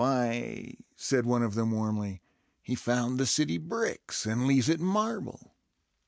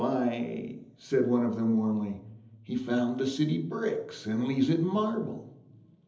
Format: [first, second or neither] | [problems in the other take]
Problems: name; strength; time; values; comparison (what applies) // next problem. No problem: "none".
first | room echo; dies away in 1.2 s